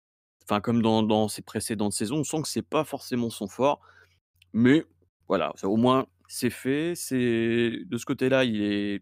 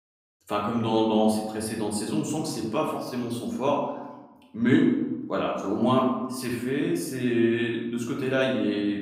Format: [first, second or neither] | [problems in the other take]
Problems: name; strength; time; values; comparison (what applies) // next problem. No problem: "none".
first | room echo; noticeable; dies away in 1 s // off-mic speech; far